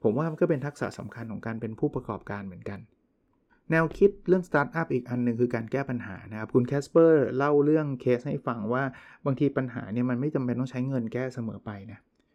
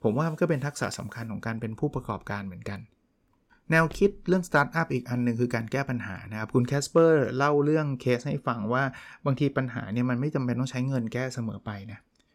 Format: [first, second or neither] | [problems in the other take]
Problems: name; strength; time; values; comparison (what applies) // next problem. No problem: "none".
second | muffled; slightly; fading above 3.5 kHz